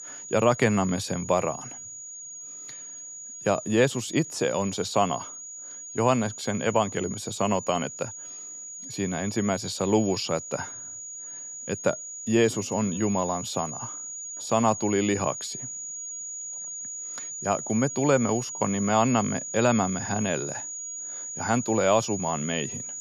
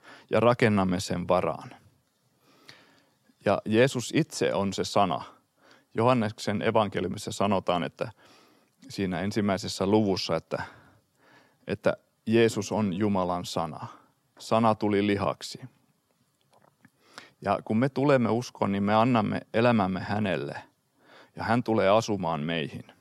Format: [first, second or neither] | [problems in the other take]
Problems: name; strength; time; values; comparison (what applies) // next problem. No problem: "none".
second | high-pitched whine; loud; throughout; 7 kHz, 9 dB below the speech